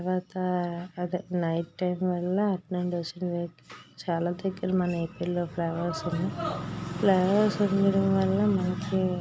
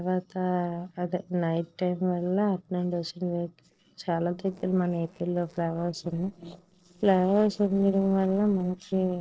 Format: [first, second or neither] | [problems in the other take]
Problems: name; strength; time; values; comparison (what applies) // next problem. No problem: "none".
first | noise reduction (neural separator model SepFormer DNS4)